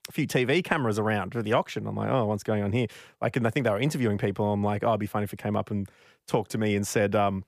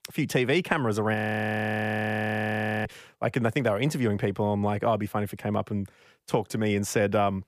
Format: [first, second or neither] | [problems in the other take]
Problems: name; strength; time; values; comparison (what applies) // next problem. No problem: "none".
first | audio freezing; at 1 s for 1.5 s